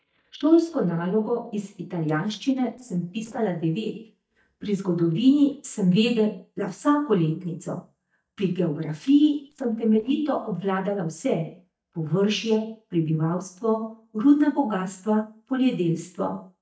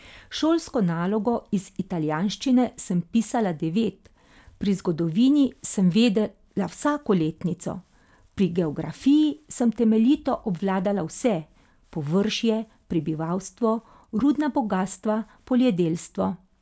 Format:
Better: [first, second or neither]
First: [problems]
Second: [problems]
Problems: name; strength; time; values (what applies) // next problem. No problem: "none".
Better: second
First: noise reduction (neural mask model DeepFilterNet 3)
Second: none